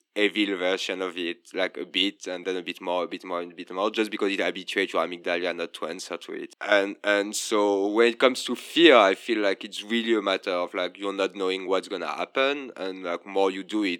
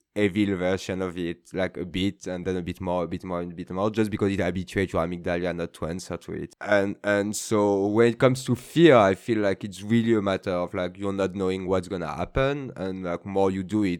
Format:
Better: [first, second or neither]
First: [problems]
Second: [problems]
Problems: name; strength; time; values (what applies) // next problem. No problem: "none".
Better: second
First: thin; very slightly; fading below 250 Hz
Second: none